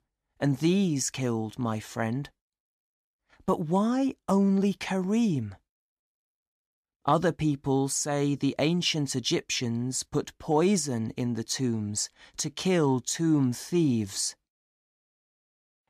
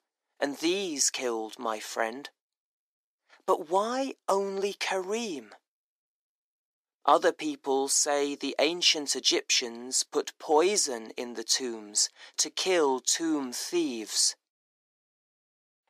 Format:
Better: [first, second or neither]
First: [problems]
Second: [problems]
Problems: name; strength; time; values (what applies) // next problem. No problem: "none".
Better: first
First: none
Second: thin; very; fading below 350 Hz